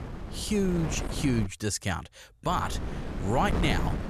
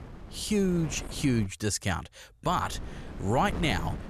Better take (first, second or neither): second